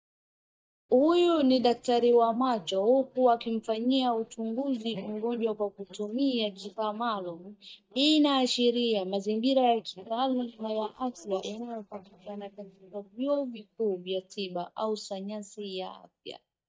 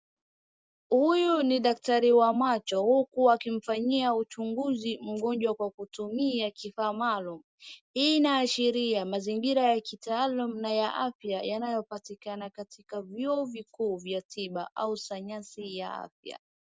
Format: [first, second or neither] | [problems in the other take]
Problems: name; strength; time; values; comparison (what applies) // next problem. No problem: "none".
second | noise reduction (neural mask model DeepFilterNet 3)